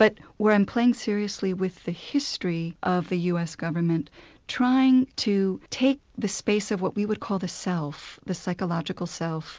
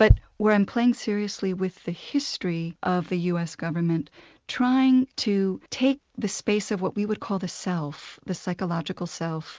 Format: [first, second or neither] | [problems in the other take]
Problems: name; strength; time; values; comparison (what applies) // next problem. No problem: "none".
first | noise reduction (neural mask model RNNoise)